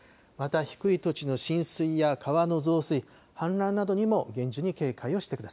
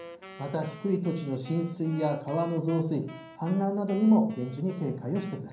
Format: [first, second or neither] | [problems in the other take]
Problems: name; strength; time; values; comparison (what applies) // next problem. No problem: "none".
first | background sound (Wind instrument, woodwind instrument); 19 dB below the speech // room echo; dies away in 0.6 s